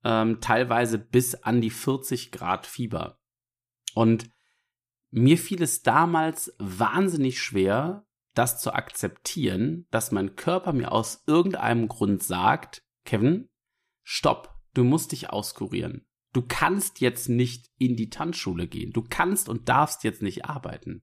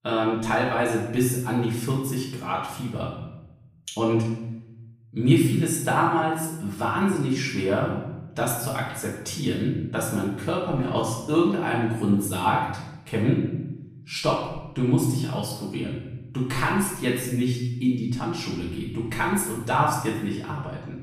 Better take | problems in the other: first | off-mic speech; far // room echo; noticeable; dies away in 0.9 s

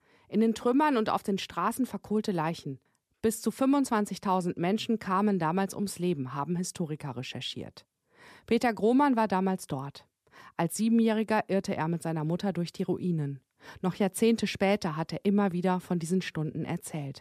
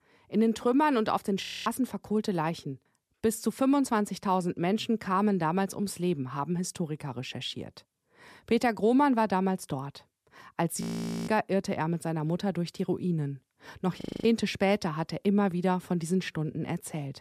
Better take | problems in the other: first | audio freezing; at 1.5 s, at 11 s and at 14 s

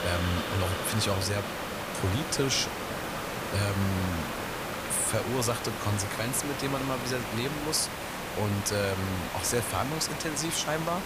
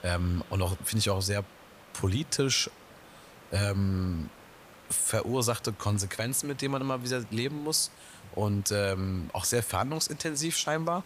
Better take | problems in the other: second | hiss; loud; throughout; 4 dB below the speech; faint in the second

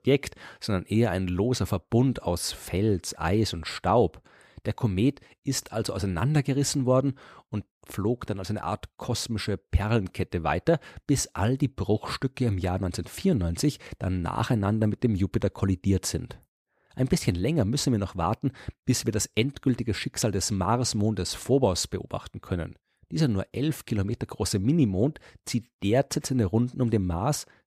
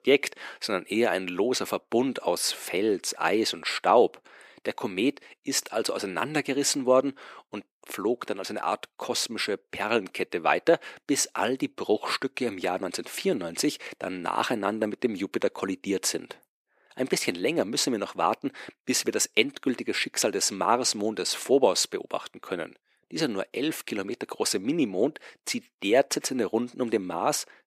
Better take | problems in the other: first | thin; somewhat; fading below 300 Hz

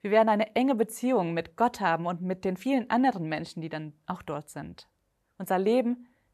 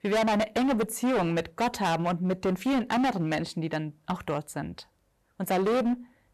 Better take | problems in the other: first | distortion; heavy; 18% of the sound clipped

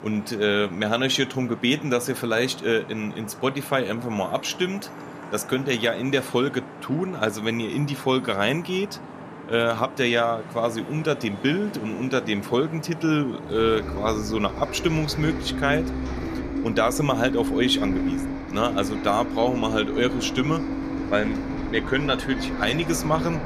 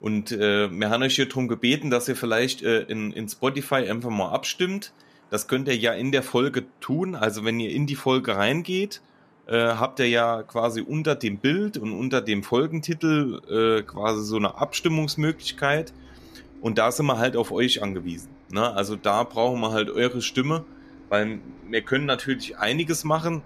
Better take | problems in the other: second | traffic noise; loud; throughout; 8 dB below the speech; faint in the second

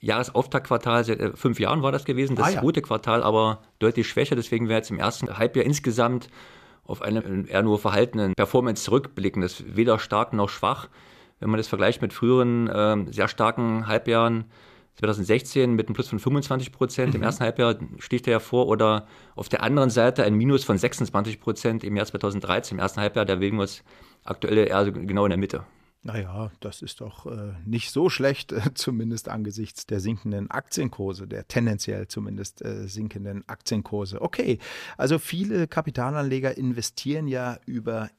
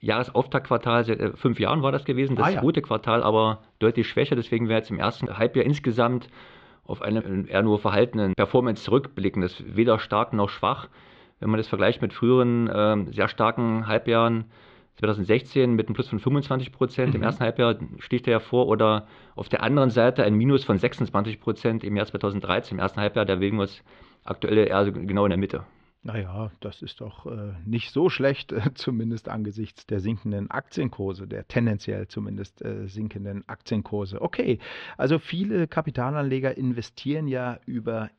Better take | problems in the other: first | muffled; slightly; fading above 3.5 kHz

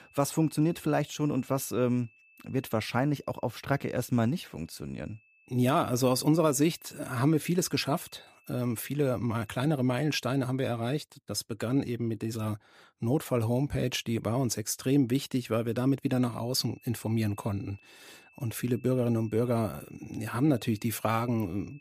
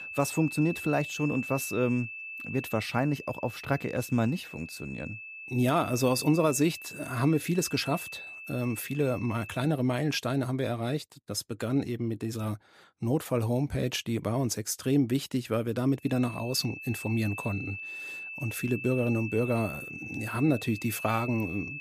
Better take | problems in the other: first | high-pitched whine; loud; until 9.5 s and from 16 s on; 2.5 kHz, 10 dB below the speech; faint in the first

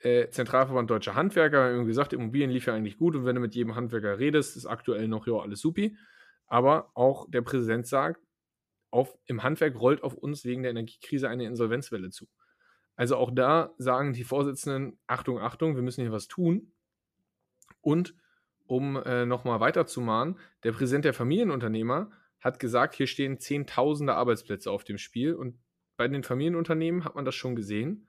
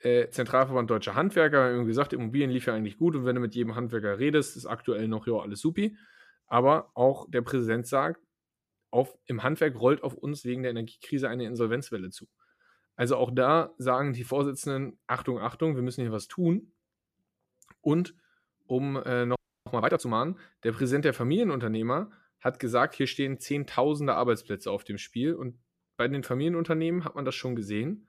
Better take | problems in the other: first | audio freezing; at 19 s

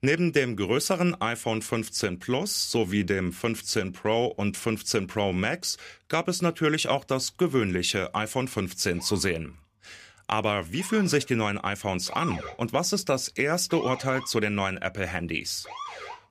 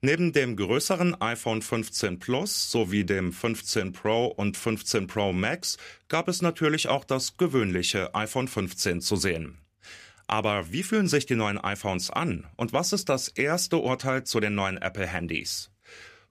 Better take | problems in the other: second | siren; noticeable; from 9 s on; peak 8 dB below the speech

